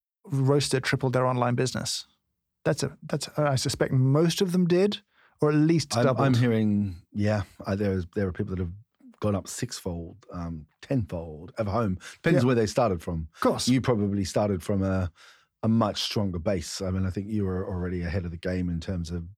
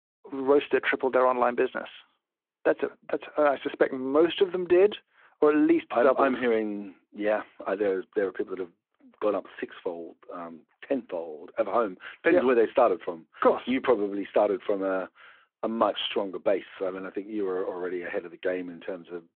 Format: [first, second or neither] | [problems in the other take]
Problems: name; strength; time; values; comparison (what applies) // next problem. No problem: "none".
first | phone-call audio